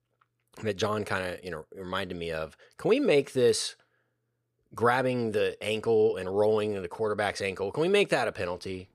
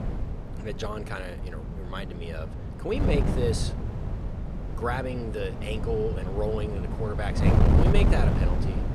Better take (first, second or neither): first